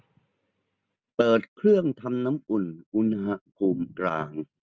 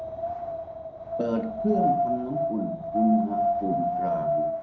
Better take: first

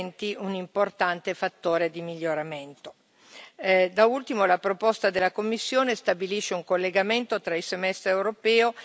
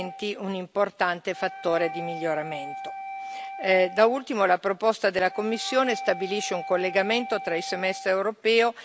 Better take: first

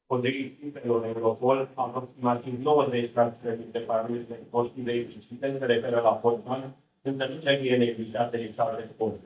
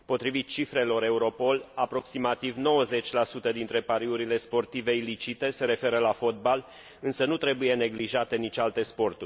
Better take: second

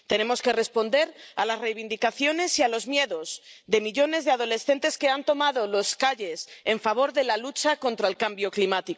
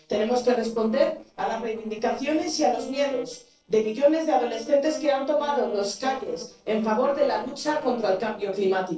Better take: first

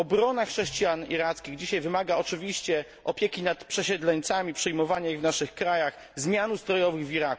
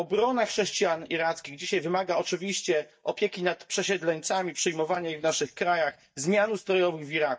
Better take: first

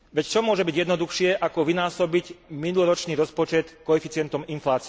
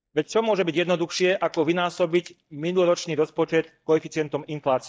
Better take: first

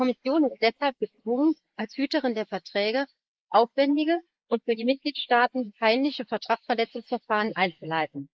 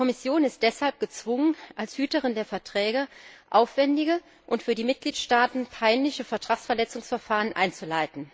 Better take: second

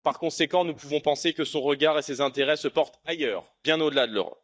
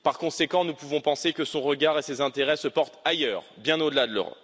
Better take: second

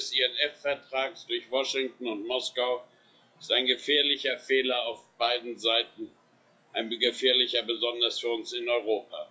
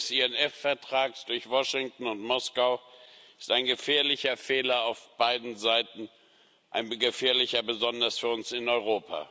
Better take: second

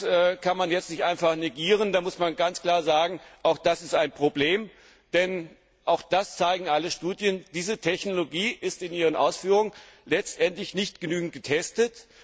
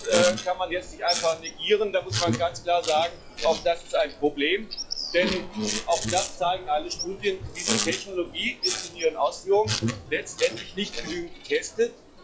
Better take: first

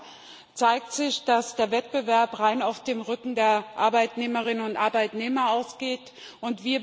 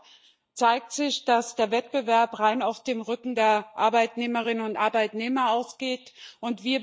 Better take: first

